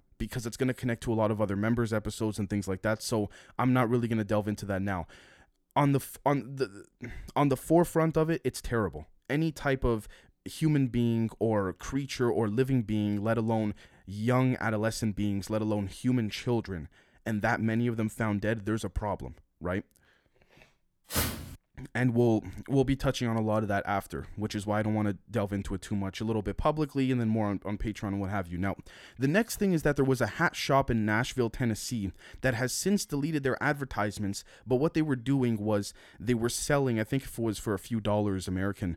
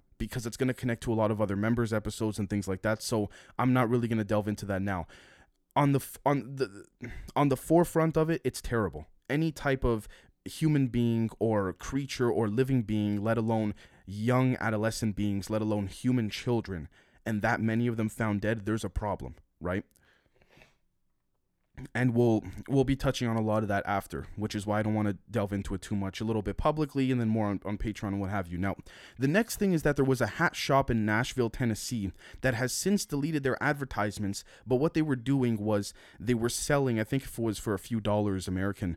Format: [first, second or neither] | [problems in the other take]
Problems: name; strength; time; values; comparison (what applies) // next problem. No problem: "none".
second | footsteps; noticeable; at 21 s; peak 1 dB below the speech